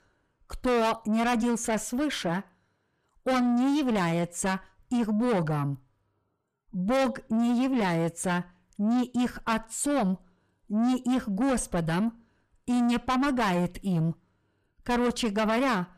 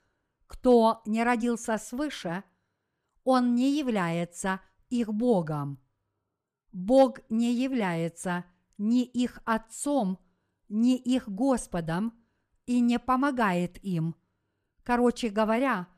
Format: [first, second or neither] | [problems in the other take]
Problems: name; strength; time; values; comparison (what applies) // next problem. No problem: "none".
second | distortion; heavy; 6 dB below the speech